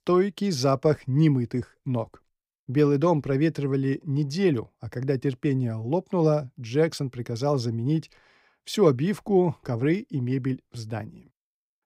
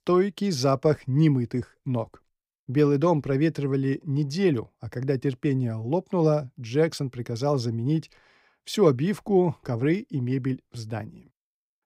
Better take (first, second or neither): neither